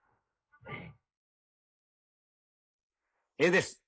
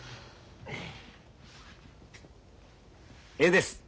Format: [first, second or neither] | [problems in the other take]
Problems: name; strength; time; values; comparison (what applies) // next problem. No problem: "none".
second | noise reduction (neural mask model Resemble Enhance denoiser)